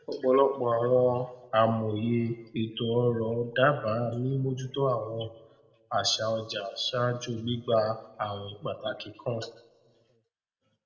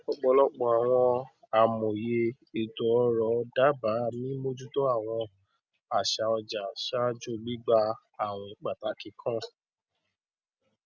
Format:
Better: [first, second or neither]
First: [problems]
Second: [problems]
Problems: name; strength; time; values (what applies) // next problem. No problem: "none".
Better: second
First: room echo; dies away in 0.9 s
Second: none